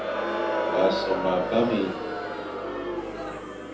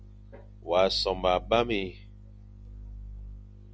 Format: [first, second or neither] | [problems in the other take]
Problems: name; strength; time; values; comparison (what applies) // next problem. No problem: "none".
second | background sound (Crowd); as loud as the speech // room echo; dies away in 0.7 s